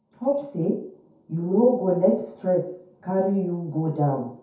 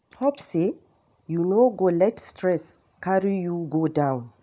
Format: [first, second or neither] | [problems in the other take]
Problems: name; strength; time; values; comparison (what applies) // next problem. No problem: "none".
second | room echo; dies away in 0.6 s